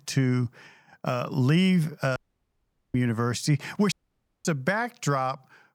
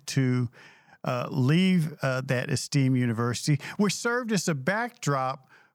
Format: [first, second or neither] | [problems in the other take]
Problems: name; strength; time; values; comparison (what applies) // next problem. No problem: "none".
second | audio cutting out; at 2 s for 1 s and at 4 s for 0.5 s